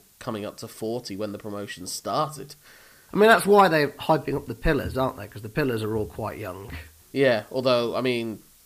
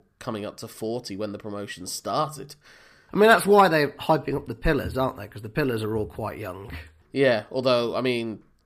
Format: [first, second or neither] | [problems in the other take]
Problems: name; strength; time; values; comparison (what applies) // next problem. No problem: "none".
second | hiss; faint; throughout; 30 dB below the speech